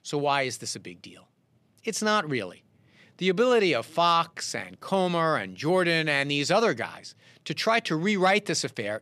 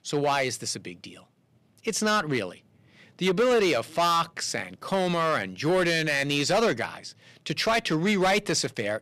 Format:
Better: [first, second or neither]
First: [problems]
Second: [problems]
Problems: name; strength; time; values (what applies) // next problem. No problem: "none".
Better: first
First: none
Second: distortion; slight; 7% of the sound clipped